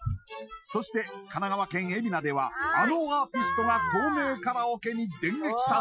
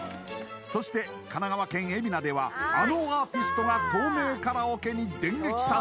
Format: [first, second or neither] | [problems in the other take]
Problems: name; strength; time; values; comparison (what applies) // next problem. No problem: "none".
second | noise reduction (classical method Wiener filter)